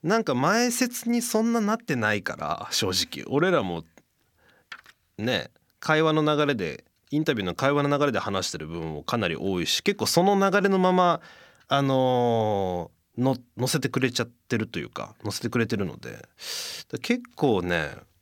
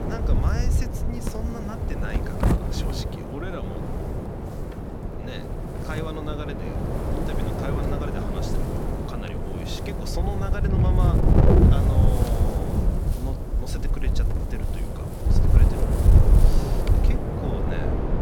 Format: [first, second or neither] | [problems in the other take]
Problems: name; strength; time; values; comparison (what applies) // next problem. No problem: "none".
first | wind noise on the microphone; heavy; 4 dB above the speech